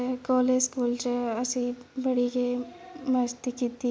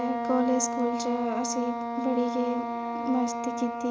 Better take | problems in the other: first | background sound (Wind instrument, woodwind instrument); 2 dB below the speech

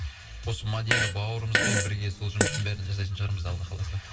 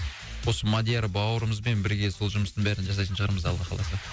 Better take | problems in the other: second | background sound (Fart); 1 dB above the speech // room echo; dies away in 1.1 s

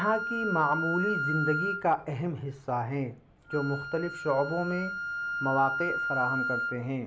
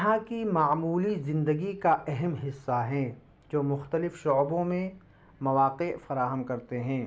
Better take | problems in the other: second | background sound (Wind instrument, woodwind instrument); 3 dB below the speech

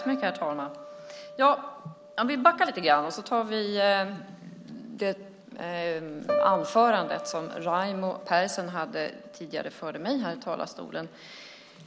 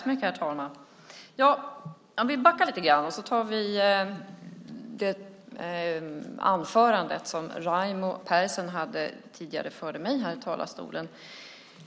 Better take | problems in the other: second | background sound (Piano); 11 dB below the speech

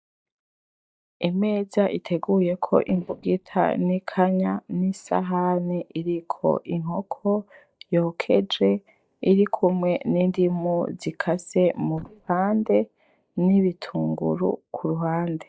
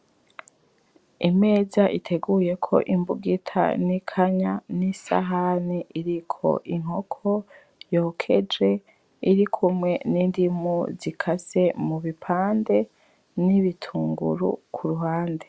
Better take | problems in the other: second | noise reduction (neural mask model DeepFilterNet 3)

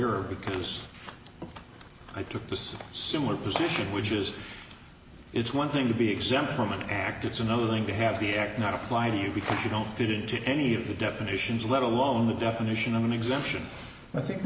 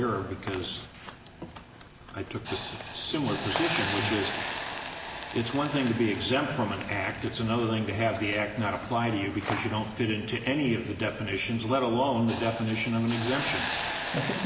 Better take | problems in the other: first | background sound (Hiss); 9 dB below the speech

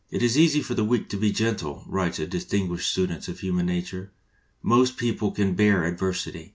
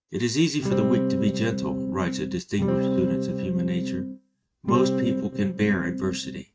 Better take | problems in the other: first | noise reduction (neural mask model RNNoise)

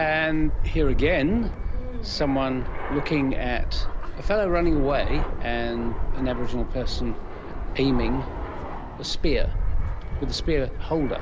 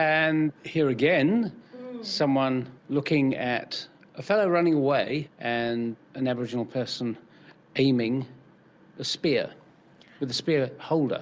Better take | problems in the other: second | background sound (Fixed-wing aircraft, airplane); 1 dB above the speech

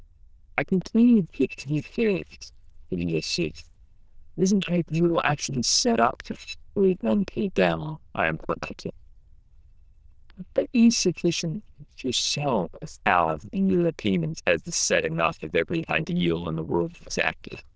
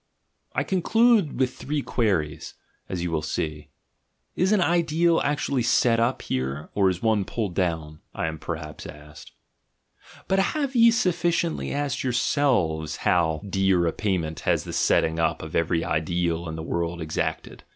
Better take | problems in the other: second | noise reduction (neural diffusion model UNIVERSE++)

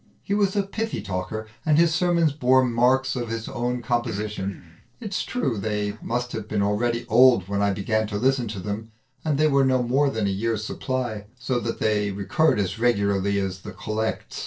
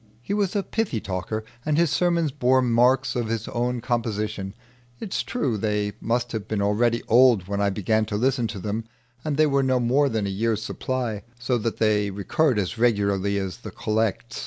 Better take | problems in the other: second | noise reduction (neural separator model SepFormer DNS4)

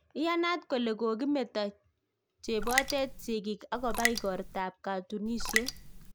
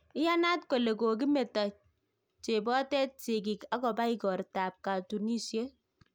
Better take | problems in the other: second | background sound (Raindrop); 1 dB below the speech

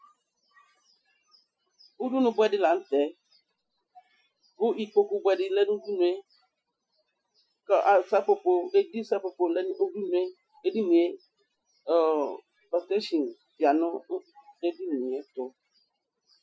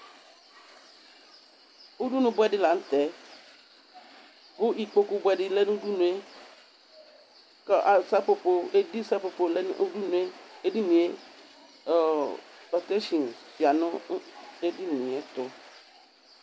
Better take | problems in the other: second | noise reduction (classical method Wiener filter)

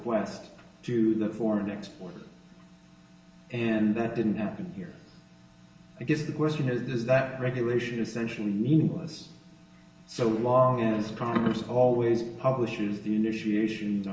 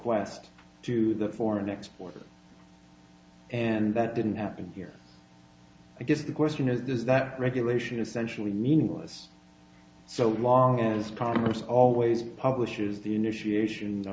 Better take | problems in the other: second | room echo; dies away in 1.1 s

